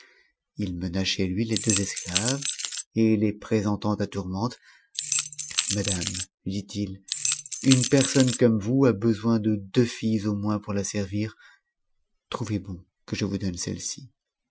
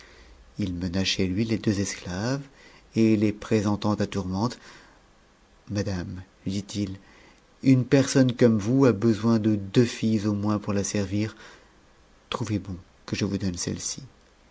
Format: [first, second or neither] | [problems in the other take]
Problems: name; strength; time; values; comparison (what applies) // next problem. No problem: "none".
second | noise reduction (classical method Wiener filter)